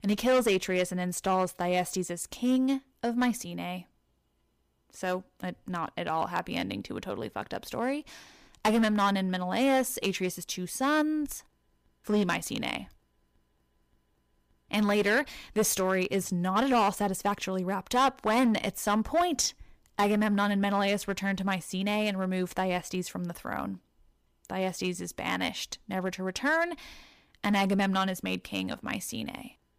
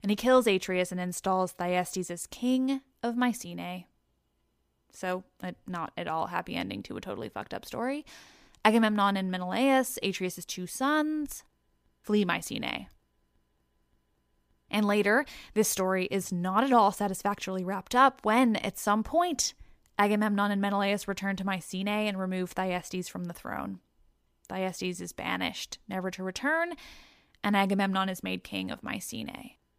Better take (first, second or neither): second